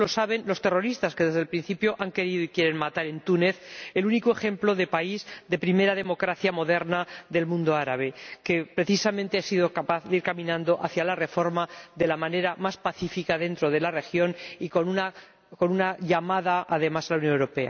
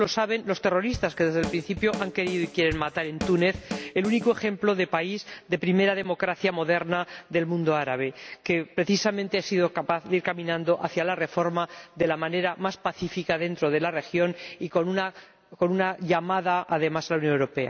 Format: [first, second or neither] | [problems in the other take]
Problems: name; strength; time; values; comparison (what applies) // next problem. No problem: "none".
first | background sound (Drum / Drum kit); 10 dB below the speech